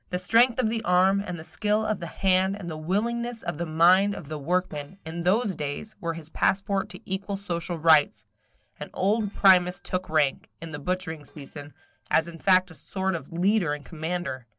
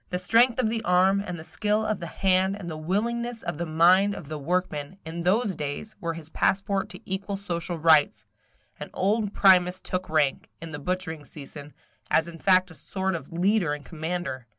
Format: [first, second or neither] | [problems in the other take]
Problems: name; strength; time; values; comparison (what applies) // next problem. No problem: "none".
second | noise reduction (neural separator model SepFormer DNS4)